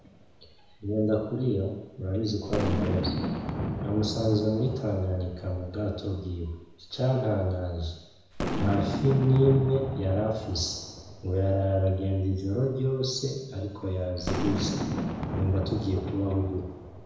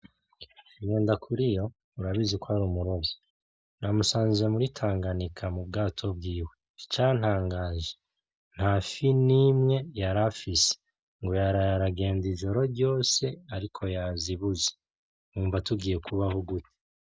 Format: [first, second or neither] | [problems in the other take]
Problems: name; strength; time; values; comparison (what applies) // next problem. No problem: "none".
second | background sound (Boom); 7 dB below the speech // room echo; dies away in 1 s